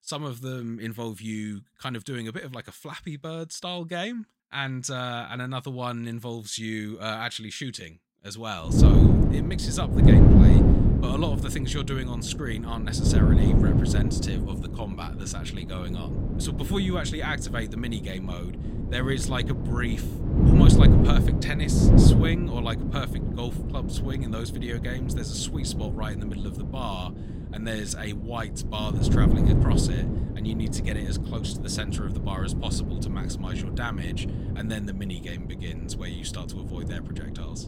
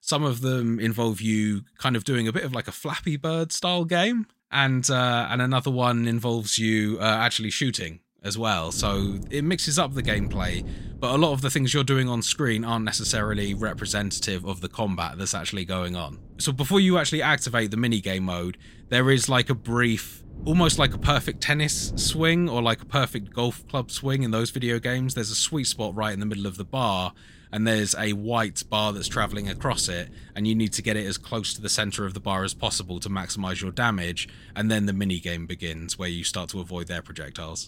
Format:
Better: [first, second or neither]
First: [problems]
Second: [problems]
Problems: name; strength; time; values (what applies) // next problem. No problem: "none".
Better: second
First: wind noise on the microphone; heavy; from 9 s on; 2 dB above the speech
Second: wind noise on the microphone; occasional gusts; from 9 s on; 25 dB below the speech